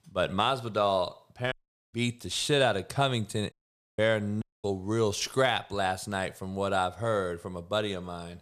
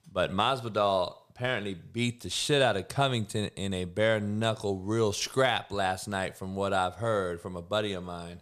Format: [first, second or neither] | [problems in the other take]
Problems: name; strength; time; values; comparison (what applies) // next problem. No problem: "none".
second | audio cutting out; at 1.5 s, at 3.5 s and at 4.5 s